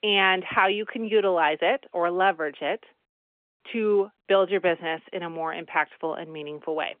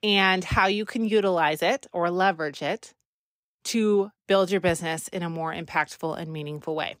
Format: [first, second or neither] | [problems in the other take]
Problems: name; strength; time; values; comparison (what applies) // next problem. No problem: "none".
second | phone-call audio; nothing above 3 kHz